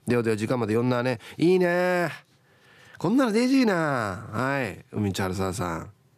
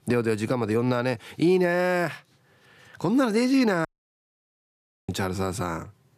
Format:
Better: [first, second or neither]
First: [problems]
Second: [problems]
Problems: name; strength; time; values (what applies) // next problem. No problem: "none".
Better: first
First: none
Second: audio cutting out; at 4 s for 1 s